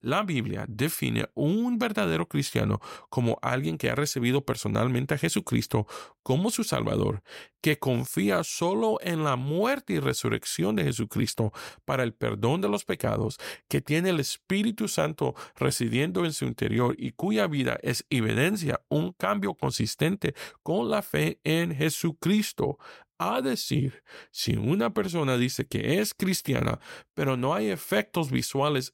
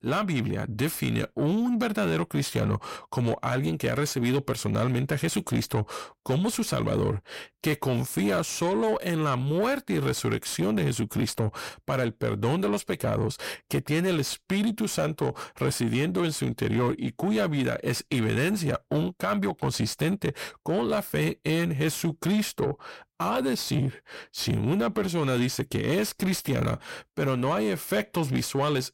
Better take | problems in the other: first | distortion; slight; 10 dB below the speech

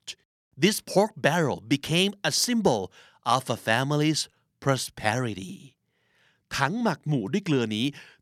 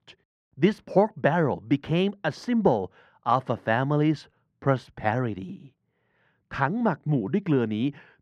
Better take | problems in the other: first | muffled; very; fading above 4 kHz

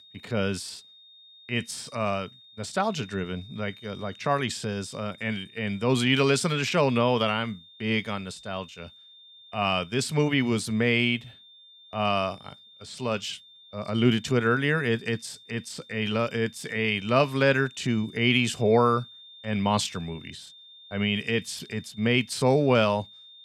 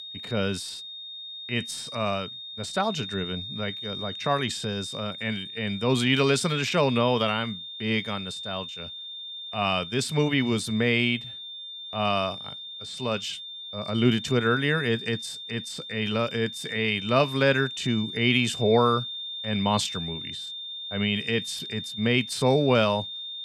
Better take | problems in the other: first | high-pitched whine; loud; throughout; 3.5 kHz, 9 dB below the speech; faint in the first

